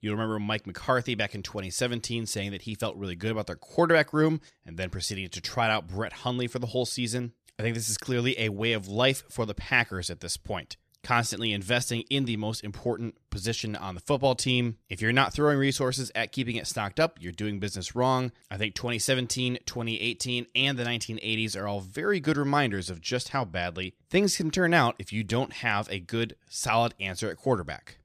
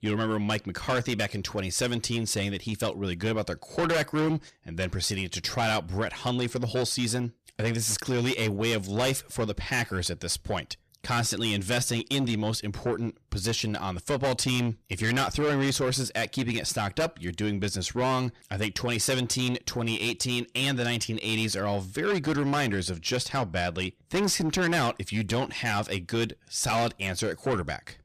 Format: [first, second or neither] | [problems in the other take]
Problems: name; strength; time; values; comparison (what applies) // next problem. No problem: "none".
first | distortion; heavy; 6 dB below the speech